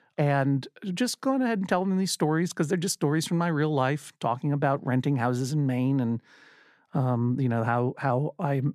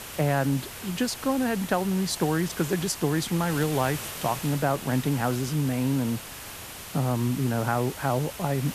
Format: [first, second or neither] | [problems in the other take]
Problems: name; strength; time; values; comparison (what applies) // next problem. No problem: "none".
first | hiss; loud; throughout; 10 dB below the speech